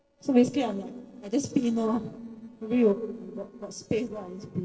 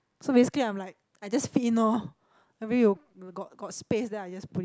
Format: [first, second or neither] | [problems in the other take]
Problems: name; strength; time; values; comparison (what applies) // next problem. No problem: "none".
second | noise reduction (neural separator model SepFormer DNS4)